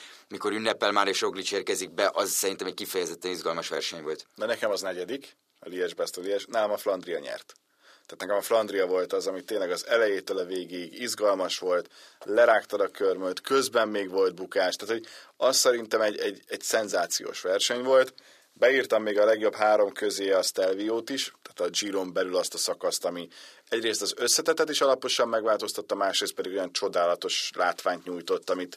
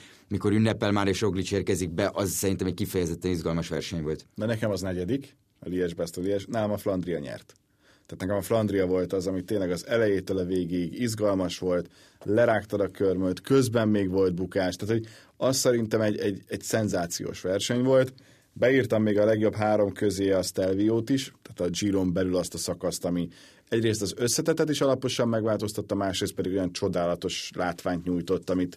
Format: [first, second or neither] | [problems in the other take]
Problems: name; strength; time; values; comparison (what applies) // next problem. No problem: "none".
second | thin; somewhat; fading below 600 Hz